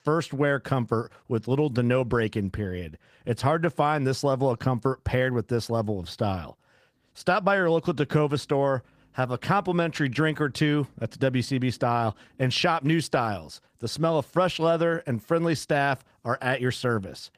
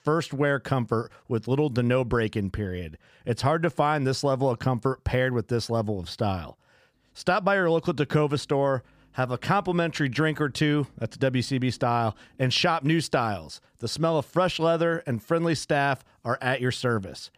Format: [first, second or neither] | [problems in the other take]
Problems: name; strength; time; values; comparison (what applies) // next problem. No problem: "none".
second | garbled, watery; slightly; nothing above 15 kHz